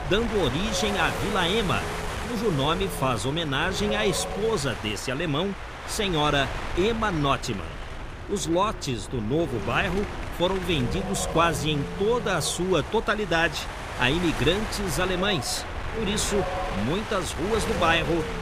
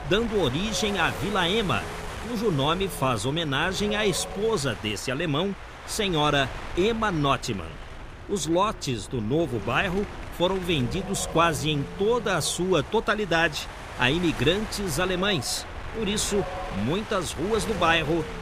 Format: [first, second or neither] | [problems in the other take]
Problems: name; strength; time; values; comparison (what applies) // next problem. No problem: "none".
second | wind noise on the microphone; heavy; 7 dB below the speech; occasional gusts in the second